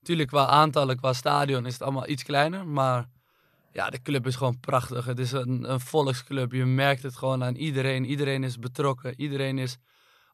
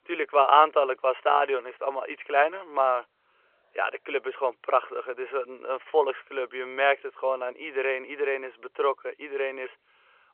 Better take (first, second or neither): first